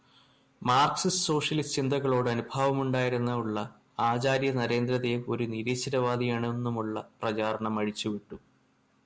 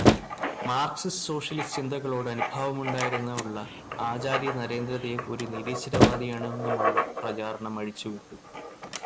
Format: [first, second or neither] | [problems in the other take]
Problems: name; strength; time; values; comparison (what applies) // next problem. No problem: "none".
first | background sound (Writing + Slam); 2 dB above the speech